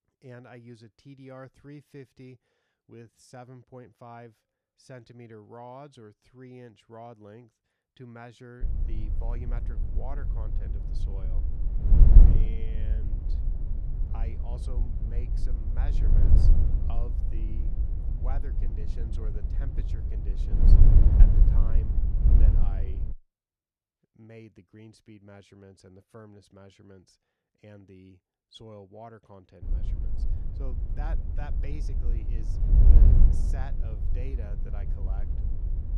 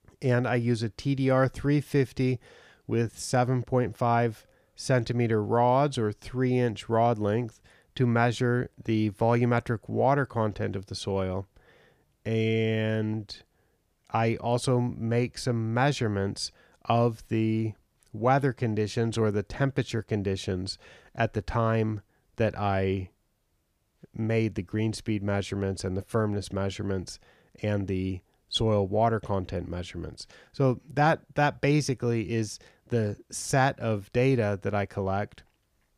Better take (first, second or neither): second